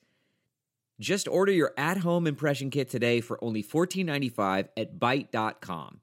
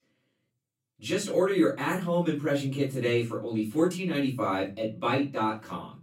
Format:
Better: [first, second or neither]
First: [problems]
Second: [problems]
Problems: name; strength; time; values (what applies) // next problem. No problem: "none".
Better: first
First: none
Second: off-mic speech; far // room echo; slight; dies away in 0.2 s